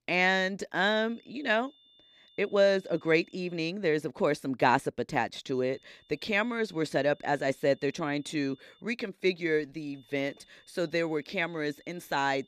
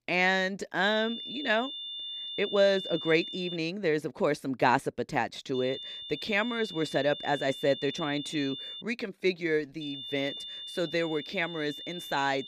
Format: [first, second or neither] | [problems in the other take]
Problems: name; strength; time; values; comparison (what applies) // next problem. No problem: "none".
first | high-pitched whine; loud; from 1 to 3.5 s, from 5.5 to 9 s and from 10 s on; 3.5 kHz, 8 dB below the speech; faint in the first